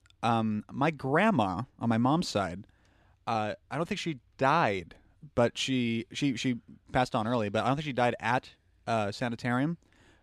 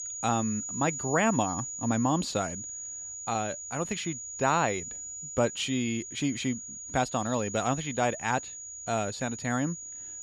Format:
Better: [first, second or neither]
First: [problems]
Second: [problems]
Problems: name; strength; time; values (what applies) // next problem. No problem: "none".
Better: first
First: none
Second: high-pitched whine; loud; throughout; 7 kHz, 7 dB below the speech